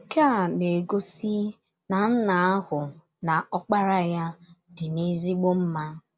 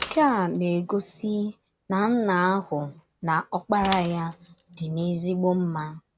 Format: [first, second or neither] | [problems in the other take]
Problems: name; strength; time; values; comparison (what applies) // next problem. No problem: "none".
first | background sound (Mechanisms / Bicycle); 18 dB below the speech